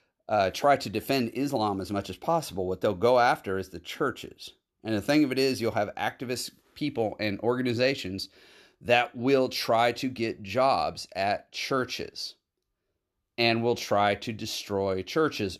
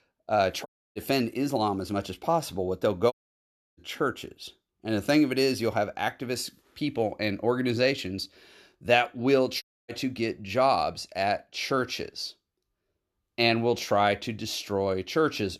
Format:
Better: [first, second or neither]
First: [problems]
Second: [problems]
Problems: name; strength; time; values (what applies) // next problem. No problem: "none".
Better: first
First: none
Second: audio cutting out; at 0.5 s, at 3 s for 0.5 s and at 9.5 s